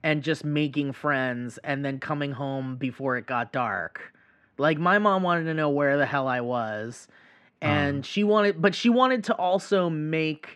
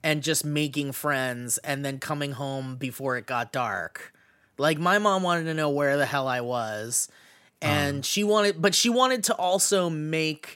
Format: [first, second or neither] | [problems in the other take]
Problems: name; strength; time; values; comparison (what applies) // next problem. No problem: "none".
second | muffled; very; fading above 2 kHz